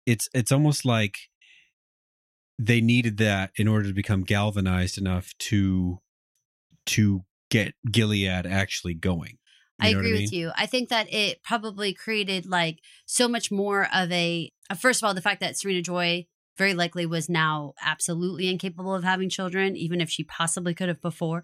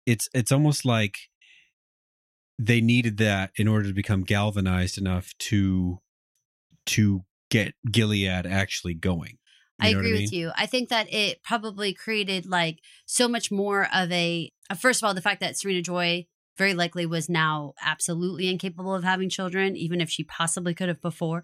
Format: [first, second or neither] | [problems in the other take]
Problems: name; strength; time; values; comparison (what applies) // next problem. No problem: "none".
neither | none